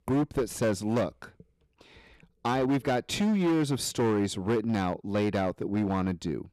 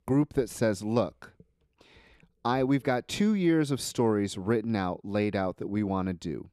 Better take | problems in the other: second | distortion; slight; 12% of the sound clipped

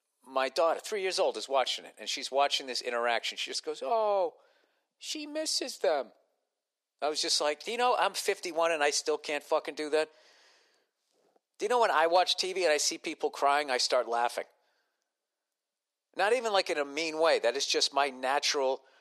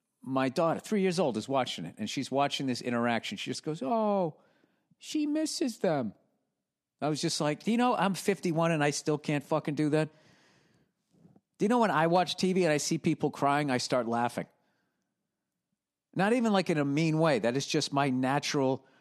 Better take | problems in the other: second | thin; very; fading below 450 Hz

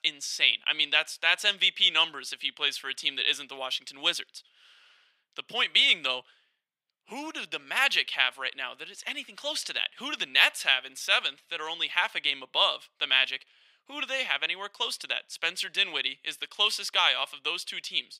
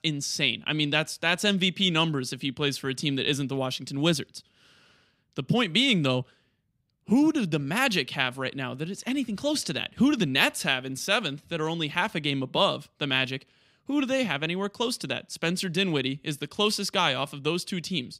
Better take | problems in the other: second | thin; very; fading below 800 Hz

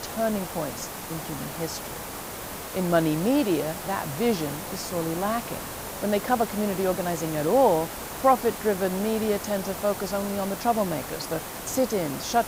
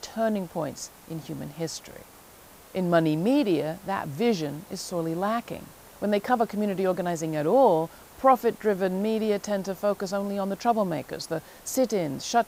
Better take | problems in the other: second | hiss; loud; throughout; 8 dB below the speech; faint in the second

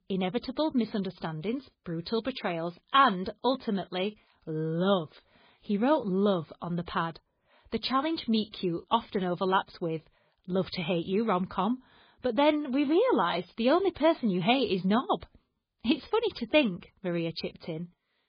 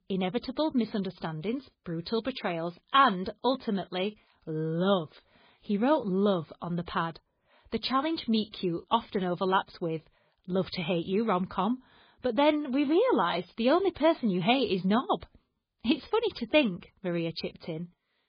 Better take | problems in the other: neither | garbled, watery; badly; nothing above 4.5 kHz; the same in both

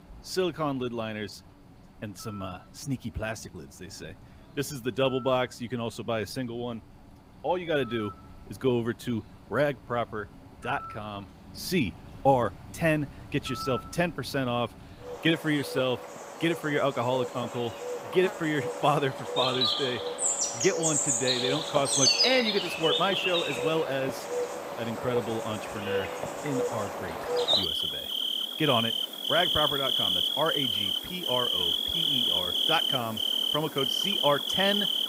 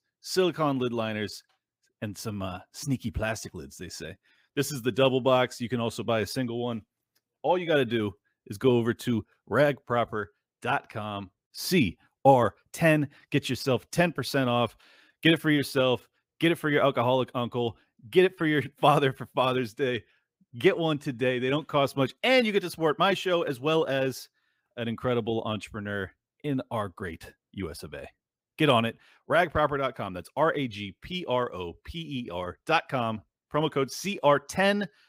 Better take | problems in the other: second | animal sounds; very loud; throughout; 3 dB above the speech

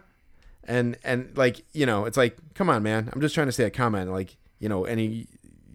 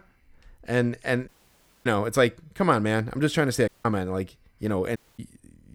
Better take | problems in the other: first | audio cutting out; at 1.5 s for 0.5 s, at 3.5 s and at 5 s

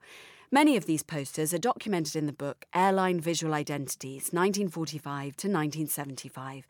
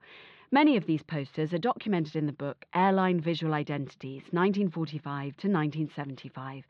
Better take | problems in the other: first | muffled; slightly; fading above 4 kHz

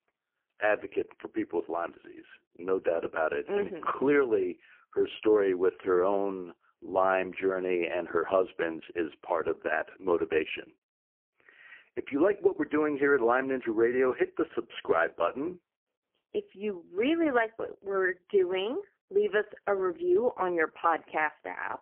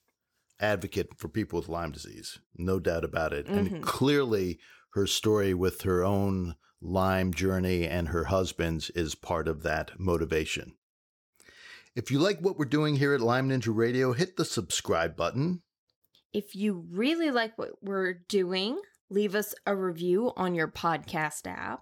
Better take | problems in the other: second | phone-call audio; poor line; nothing above 3 kHz

